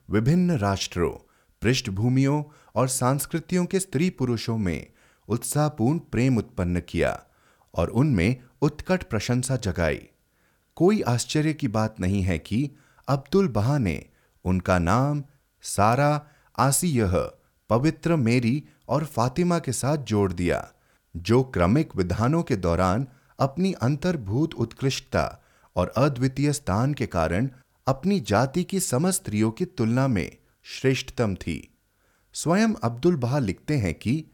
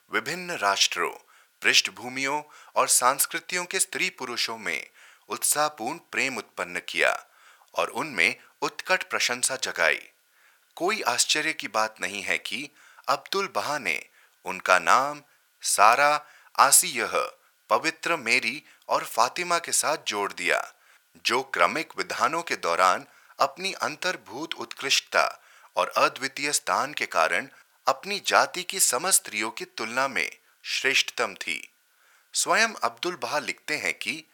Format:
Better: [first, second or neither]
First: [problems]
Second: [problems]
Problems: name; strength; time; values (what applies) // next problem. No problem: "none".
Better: first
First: none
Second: thin; very; fading below 900 Hz